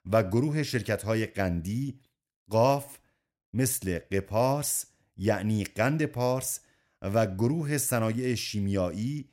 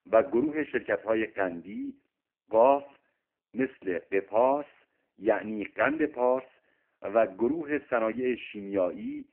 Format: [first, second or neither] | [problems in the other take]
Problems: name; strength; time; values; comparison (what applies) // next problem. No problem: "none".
first | phone-call audio; poor line